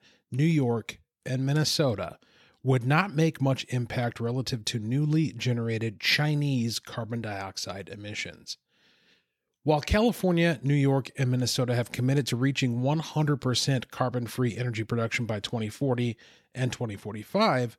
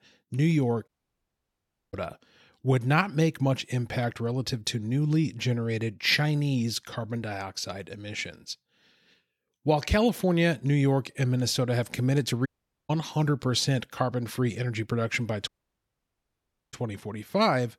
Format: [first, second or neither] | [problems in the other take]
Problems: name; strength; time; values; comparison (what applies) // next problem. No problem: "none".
first | audio cutting out; at 1 s for 1 s, at 12 s and at 15 s for 1.5 s